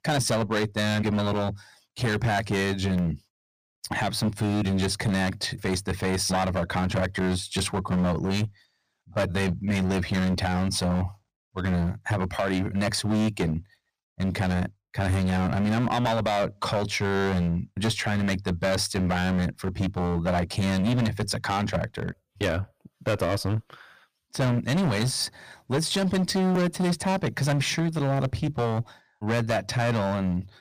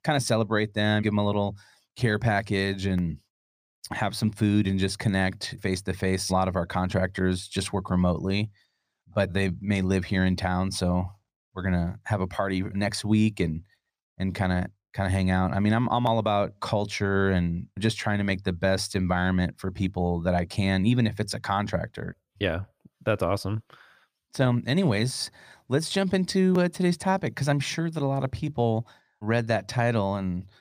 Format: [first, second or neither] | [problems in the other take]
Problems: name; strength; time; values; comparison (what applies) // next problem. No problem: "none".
second | distortion; heavy; 16% of the sound clipped